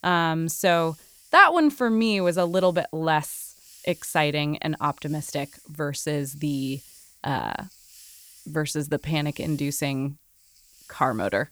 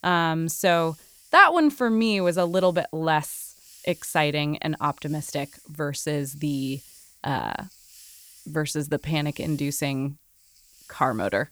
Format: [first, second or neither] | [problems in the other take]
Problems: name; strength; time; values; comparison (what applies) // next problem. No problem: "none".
neither | hiss; faint; throughout; 25 dB below the speech; the same in both